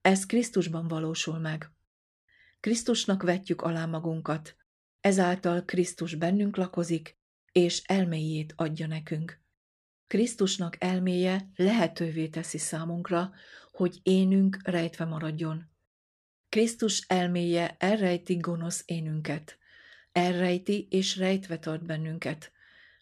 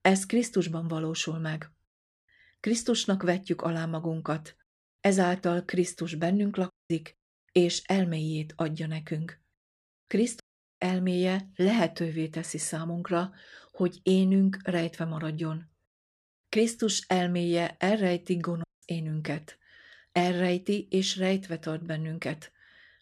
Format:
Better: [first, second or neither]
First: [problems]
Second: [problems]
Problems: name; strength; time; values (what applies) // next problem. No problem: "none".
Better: first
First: none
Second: audio cutting out; at 6.5 s, at 10 s and at 19 s